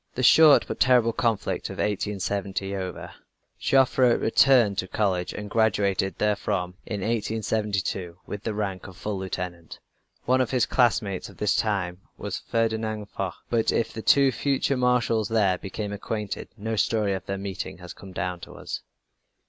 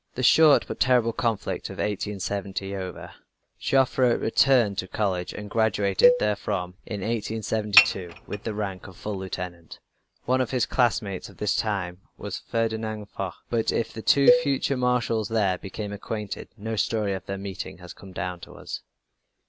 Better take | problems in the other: first | background sound (Dishes, pots, and pans / Chink, clink + Cowbell); 1 dB below the speech

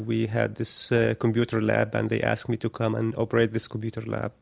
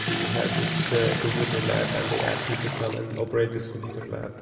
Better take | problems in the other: first | background sound (Sink (filling or washing) / Water tap, faucet); 1 dB below the speech // room echo; dies away in 2.8 s

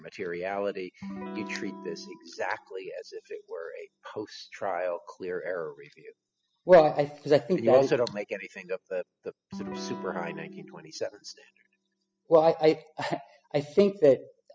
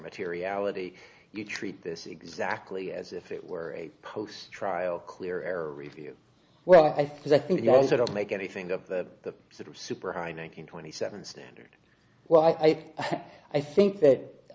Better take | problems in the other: second | noise reduction (classical method spectral subtraction)

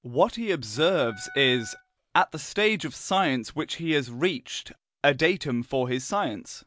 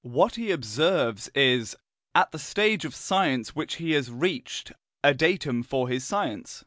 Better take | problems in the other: second | background sound (Wind instrument, woodwind instrument); 19 dB below the speech

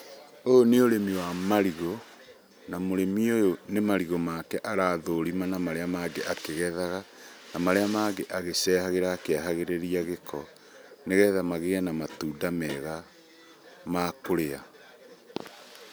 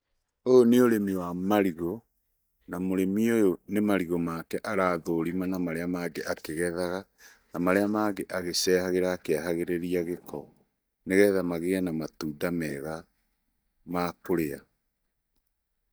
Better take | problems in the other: first | noise reduction (neural mask model DeepFilterNet 3)

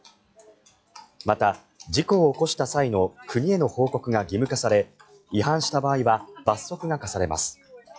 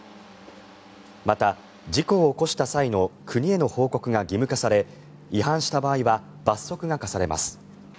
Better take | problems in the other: second | noise reduction (classical method log-MMSE)

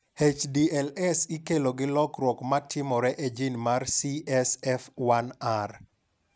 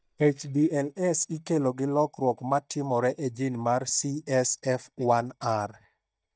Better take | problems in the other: first | noise reduction (neural mask model DeepFilterNet 3)

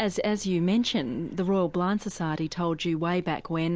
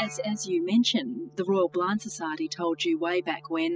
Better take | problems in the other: first | noise reduction (classical method spectral subtraction)

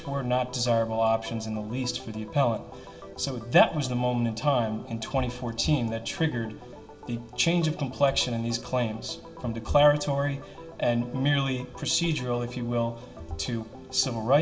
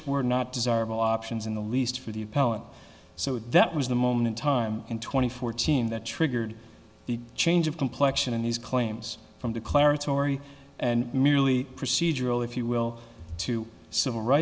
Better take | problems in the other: second | background sound (Organ); 17 dB below the speech // room echo; dies away in 0.2 s

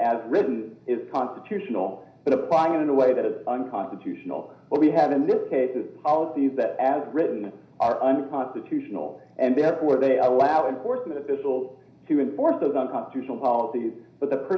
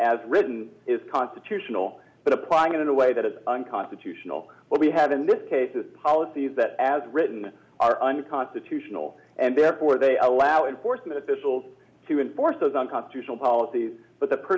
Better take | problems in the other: second | room echo; dies away in 0.5 s

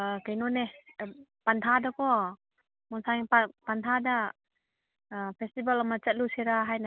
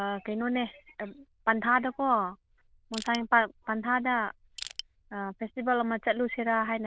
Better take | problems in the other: first | noise reduction (neural diffusion model UNIVERSE++)

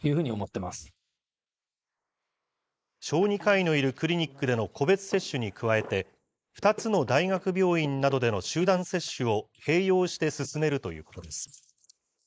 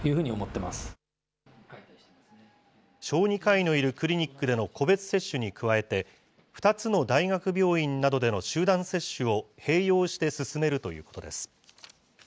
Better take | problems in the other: second | noise reduction (neural mask model Resemble Enhance denoiser)

